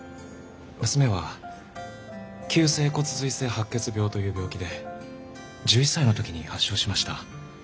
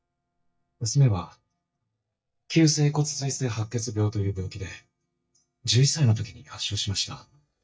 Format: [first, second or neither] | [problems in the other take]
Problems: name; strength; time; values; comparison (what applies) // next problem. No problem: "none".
first | noise reduction (neural mask model DeepFilterNet 3)